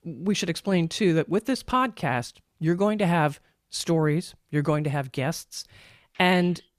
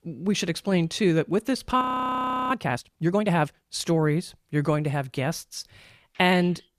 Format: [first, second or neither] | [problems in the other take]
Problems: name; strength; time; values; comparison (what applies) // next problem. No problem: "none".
first | audio freezing; at 2 s for 0.5 s